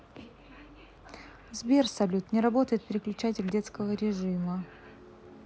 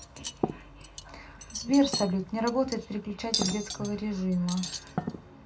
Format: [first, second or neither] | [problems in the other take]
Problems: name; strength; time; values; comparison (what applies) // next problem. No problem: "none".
first | background sound (Cutlery, silverware); 7 dB below the speech // room echo; dies away in 0.2 s